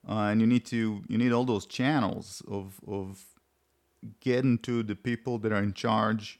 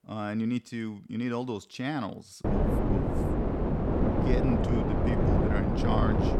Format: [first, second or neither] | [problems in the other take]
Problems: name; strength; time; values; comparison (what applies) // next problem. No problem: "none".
first | wind noise on the microphone; heavy; from 2.5 s on; 4 dB above the speech